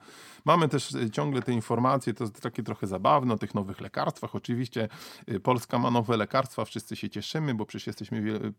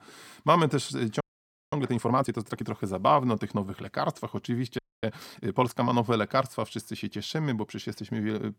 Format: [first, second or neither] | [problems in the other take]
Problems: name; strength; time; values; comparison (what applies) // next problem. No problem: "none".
first | audio freezing; at 1 s for 0.5 s and at 5 s